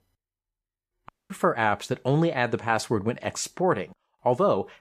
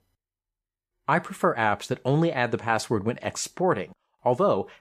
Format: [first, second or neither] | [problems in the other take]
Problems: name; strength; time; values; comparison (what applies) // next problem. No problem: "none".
second | audio cutting out; at 1 s